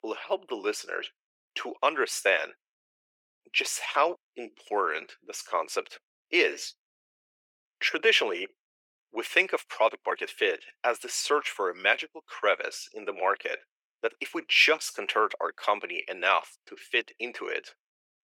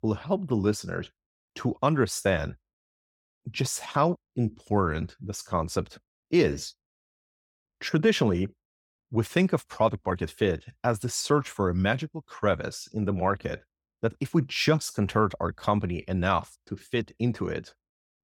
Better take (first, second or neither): second